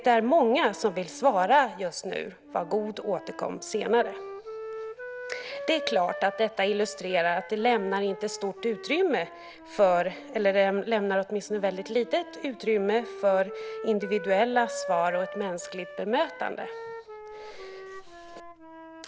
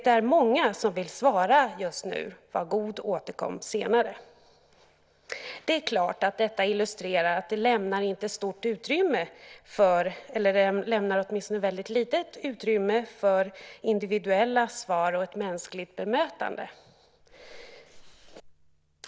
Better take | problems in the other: second | background sound (Wind instrument, woodwind instrument); 14 dB below the speech

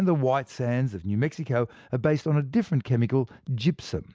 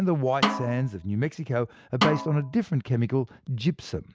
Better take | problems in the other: first | background sound (Snare drum); 4 dB below the speech

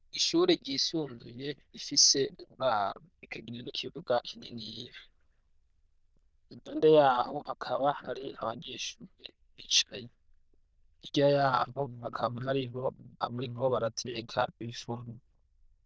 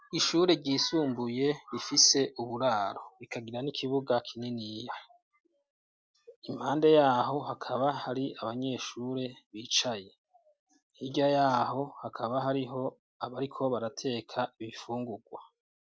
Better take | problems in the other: second | noise reduction (neural diffusion model UNIVERSE++)

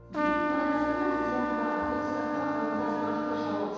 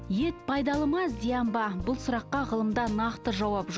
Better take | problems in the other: second | background sound (Trumpet); 3 dB above the speech // room echo; dies away in 2.2 s

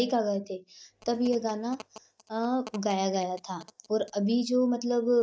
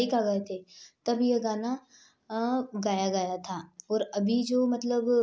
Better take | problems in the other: second | noise reduction (neural mask model DeepFilterNet 3)

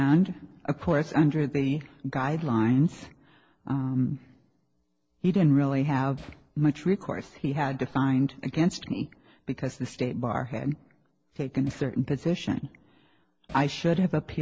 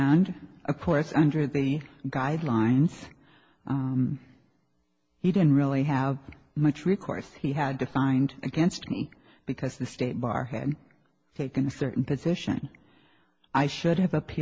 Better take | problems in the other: second | noise reduction (neural separator model SepFormer DNS4)

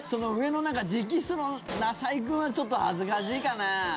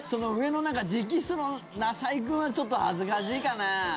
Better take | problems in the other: second | background sound (Explosion); 13 dB below the speech

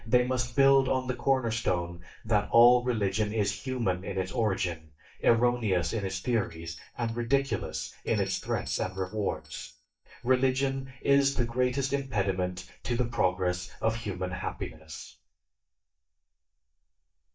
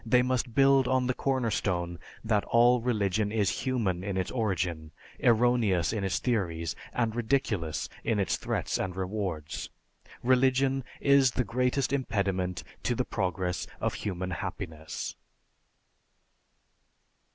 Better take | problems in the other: second | noise reduction (neural mask model DeepFilterNet 3)

